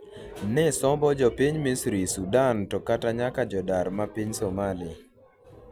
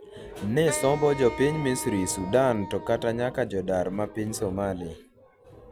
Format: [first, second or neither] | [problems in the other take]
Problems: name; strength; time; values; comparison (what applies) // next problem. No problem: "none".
first | background sound (Wind instrument, woodwind instrument); 12 dB below the speech